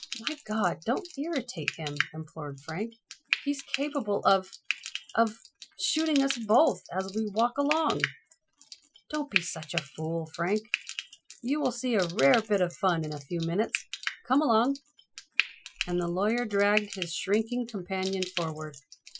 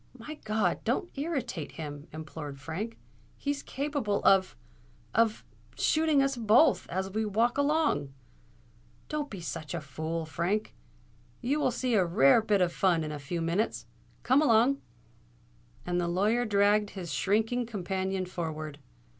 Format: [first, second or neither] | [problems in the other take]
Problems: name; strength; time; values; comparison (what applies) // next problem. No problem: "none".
second | noise reduction (classical method Wiener filter)